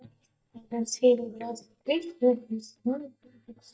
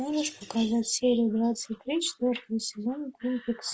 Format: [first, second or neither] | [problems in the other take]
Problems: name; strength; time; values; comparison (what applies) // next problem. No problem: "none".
second | noise reduction (neural mask model DeepFilterNet 3)